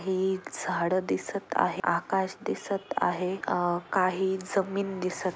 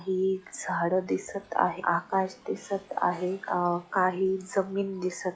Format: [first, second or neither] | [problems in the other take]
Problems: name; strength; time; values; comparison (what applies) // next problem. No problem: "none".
first | noise reduction (classical method log-MMSE)